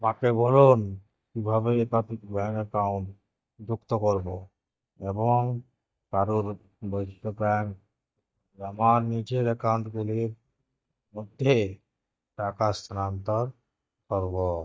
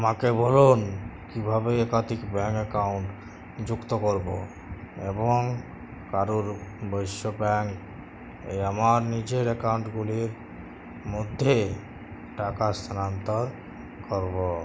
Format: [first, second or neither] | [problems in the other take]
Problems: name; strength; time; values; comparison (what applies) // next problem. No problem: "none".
second | noise reduction (neural mask model DeepFilterNet 3)